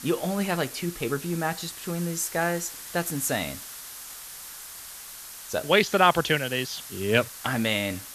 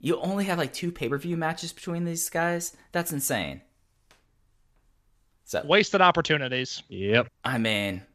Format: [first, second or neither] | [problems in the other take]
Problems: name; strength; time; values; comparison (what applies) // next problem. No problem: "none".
second | hiss; noticeable; throughout; 10 dB below the speech